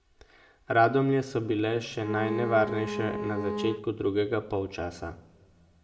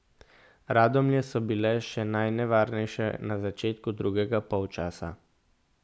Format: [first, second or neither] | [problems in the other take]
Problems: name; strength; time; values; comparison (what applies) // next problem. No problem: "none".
second | background sound (Bowed string instrument); 6 dB below the speech // room echo; dies away in 0.9 s